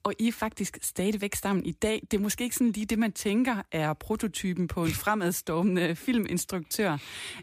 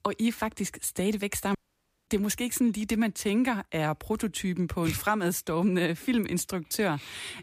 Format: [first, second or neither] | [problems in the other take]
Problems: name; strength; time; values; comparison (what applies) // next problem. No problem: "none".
first | audio cutting out; at 1.5 s for 0.5 s